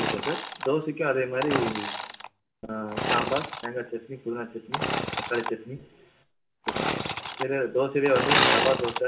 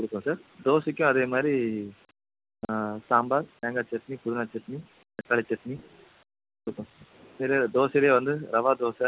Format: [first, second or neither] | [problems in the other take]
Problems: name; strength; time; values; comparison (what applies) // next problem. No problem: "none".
second | background sound (Sawing / Engine); 1 dB below the speech // room echo; dies away in 0.4 s